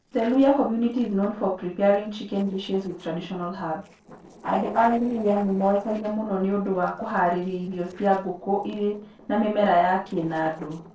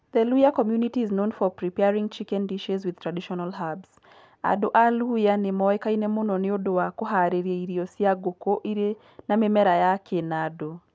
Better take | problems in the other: second | noise reduction (neural separator model SepFormer DNS4)

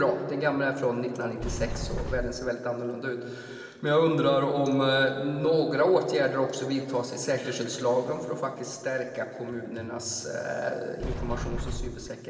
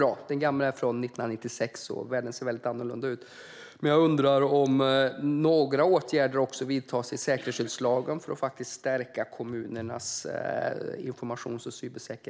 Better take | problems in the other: second | background sound (Sliding door); 5 dB below the speech // room echo; dies away in 2.7 s

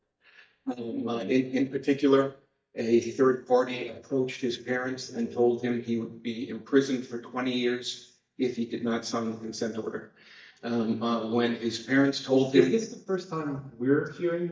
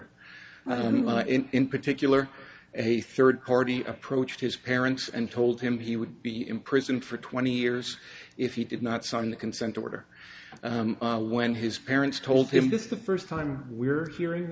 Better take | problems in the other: second | noise reduction (neural mask model DeepFilterNet 3)

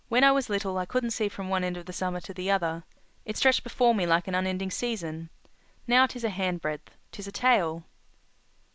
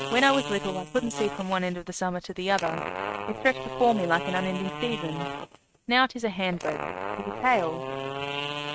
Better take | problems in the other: first | noise reduction (neural mask model RNNoise)

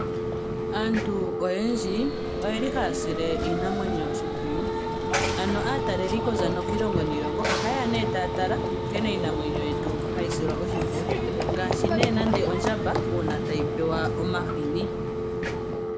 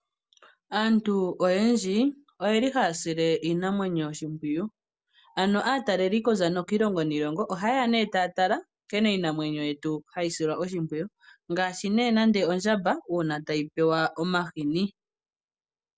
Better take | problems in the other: second | background sound (Run / Train + Telephone); 3 dB above the speech

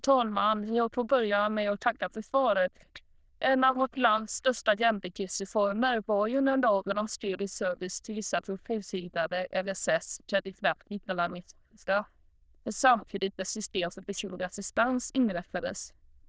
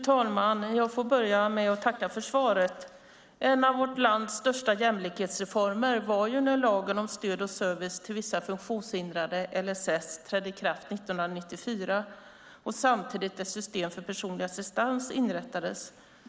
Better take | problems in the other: second | noise reduction (neural diffusion model UNIVERSE++)

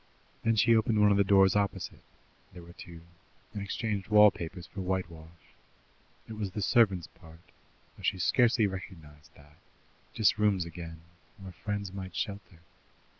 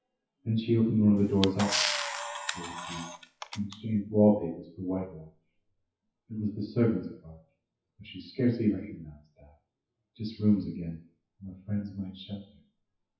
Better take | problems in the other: first | noise reduction (classical method WPE with log-MMSE)

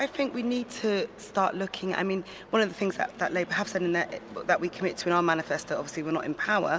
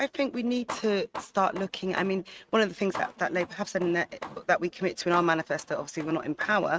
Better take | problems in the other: first | noise reduction (neural mask model RNNoise)

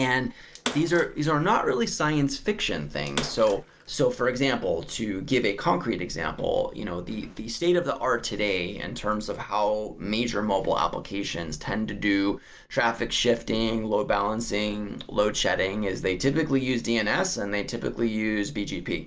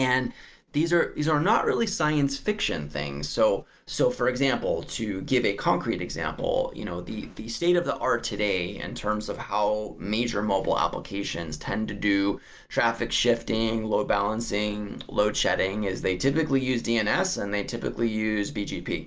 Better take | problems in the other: second | background sound (Bathtub (filling or washing) / Water / Splash, splatter); 14 dB below the speech

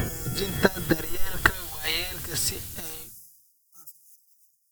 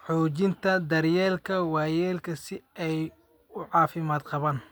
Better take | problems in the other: second | noise reduction (neural mask model DeepFilterNet 3)

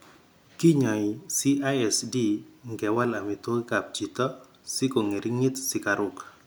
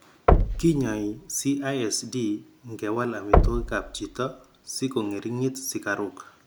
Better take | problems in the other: first | background sound (Knock); 1 dB above the speech

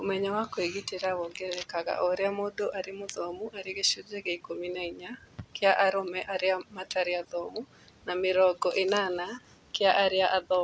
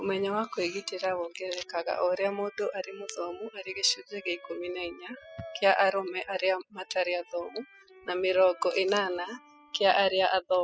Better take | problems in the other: first | noise reduction (classical method spectral subtraction)

